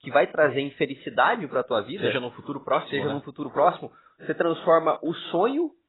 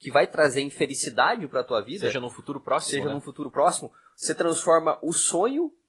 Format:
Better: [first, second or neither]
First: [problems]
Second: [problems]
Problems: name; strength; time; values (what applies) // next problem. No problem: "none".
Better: second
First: garbled, watery; badly; nothing above 4 kHz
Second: garbled, watery; slightly